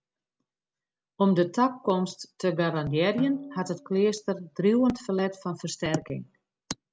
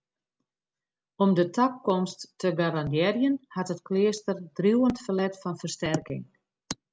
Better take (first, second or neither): second